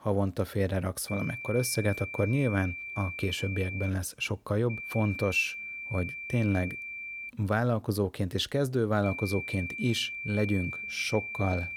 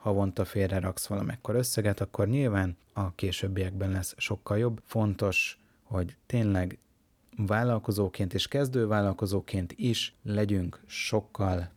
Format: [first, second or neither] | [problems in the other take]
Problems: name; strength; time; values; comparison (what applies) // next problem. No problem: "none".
second | high-pitched whine; loud; from 1 to 4 s, from 4.5 to 7.5 s and from 9 s on; 2.5 kHz, 7 dB below the speech